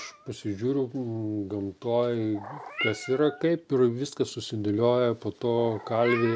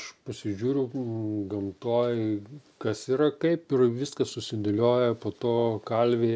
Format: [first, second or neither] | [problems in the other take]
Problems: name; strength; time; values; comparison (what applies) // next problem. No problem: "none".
second | background sound (Meow); 14 dB below the speech